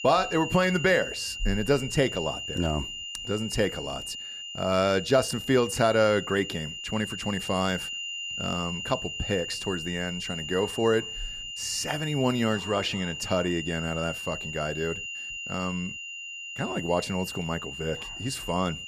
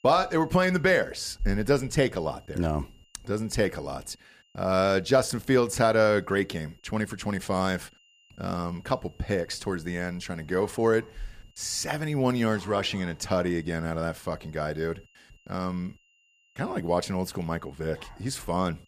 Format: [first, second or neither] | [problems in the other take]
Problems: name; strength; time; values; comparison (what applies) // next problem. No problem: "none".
second | high-pitched whine; loud; throughout; 3 kHz, 6 dB below the speech; faint in the second